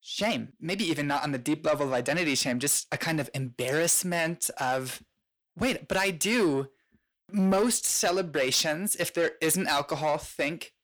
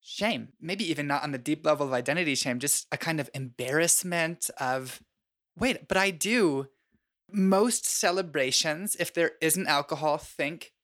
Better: second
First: distortion; slight; 10 dB below the speech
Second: none

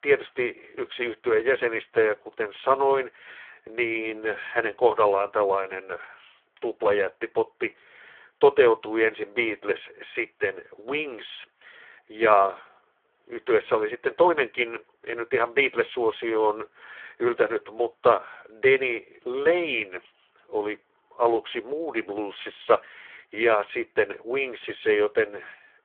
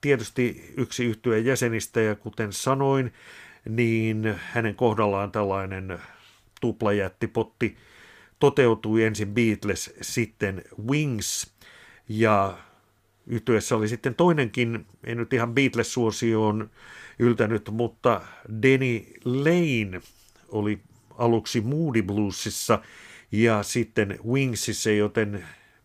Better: second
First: phone-call audio; poor line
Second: none

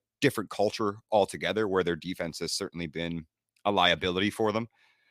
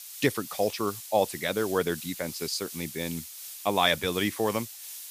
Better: first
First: none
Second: hiss; noticeable; throughout; 10 dB below the speech

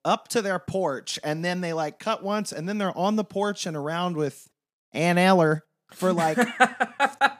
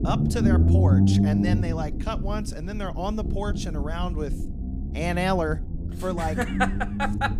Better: first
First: none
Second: low rumble; loud; throughout; 5 dB below the speech

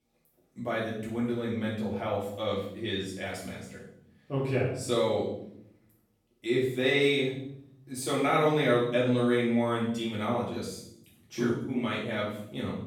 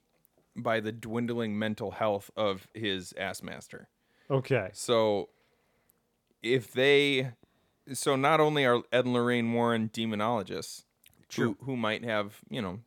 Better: second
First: off-mic speech; far // room echo; noticeable; dies away in 0.7 s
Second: none

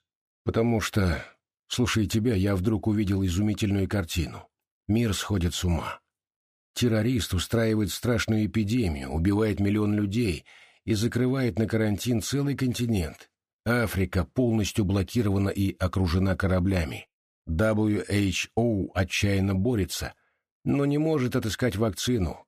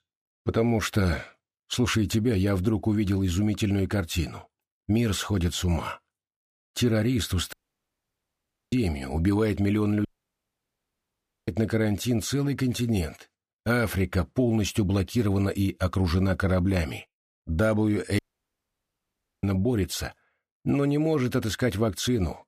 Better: first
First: none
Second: audio cutting out; at 7.5 s for 1 s, at 10 s for 1.5 s and at 18 s for 1 s

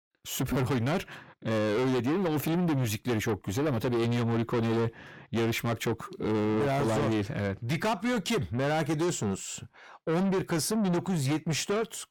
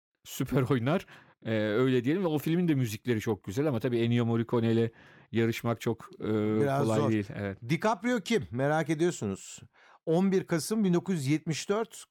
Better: second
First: distortion; heavy; 7 dB below the speech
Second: none

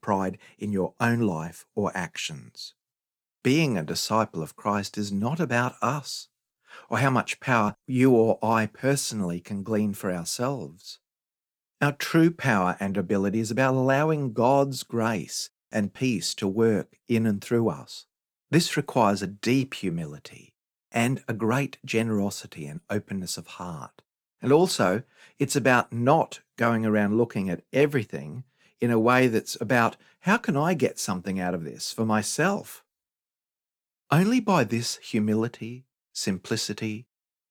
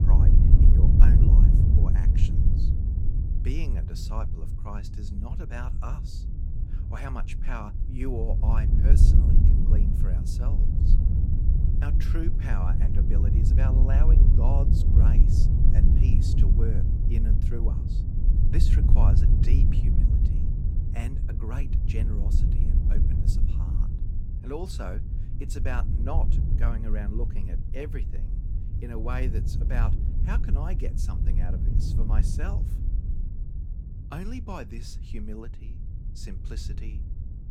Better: first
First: none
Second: low rumble; loud; throughout; as loud as the speech

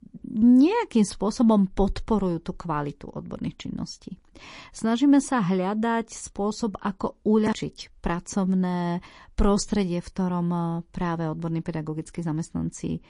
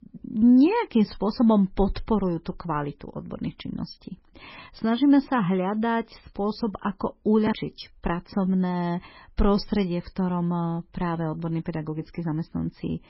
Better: first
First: garbled, watery; slightly; nothing above 10.5 kHz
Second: garbled, watery; badly; nothing above 5.5 kHz

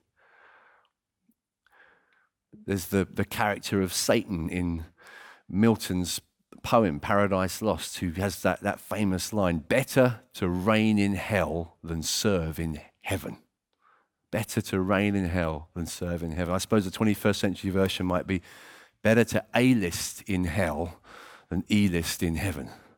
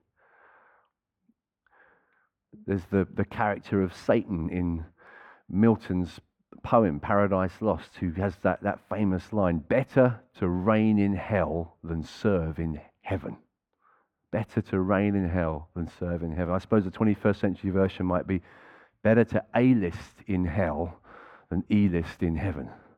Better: first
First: none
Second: muffled; very; fading above 3.5 kHz

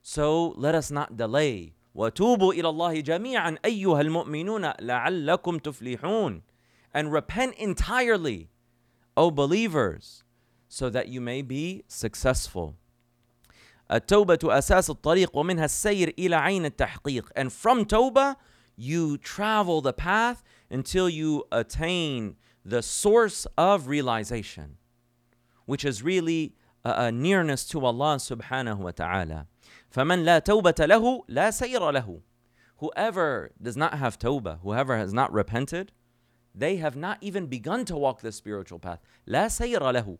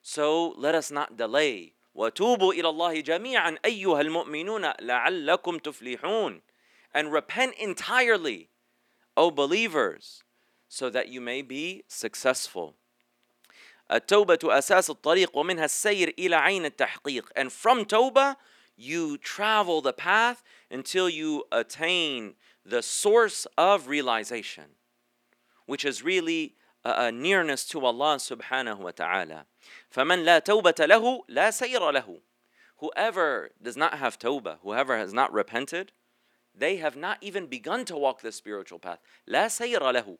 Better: first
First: none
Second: thin; somewhat; fading below 300 Hz

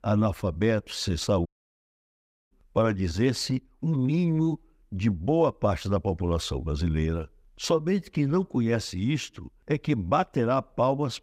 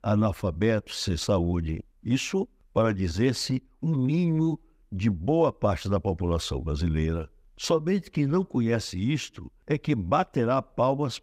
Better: second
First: audio cutting out; at 1.5 s for 1 s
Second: none

